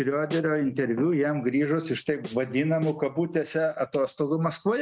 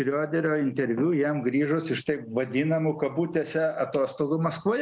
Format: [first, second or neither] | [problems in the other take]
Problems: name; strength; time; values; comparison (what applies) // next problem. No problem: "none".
second | noise reduction (neural mask model RNNoise)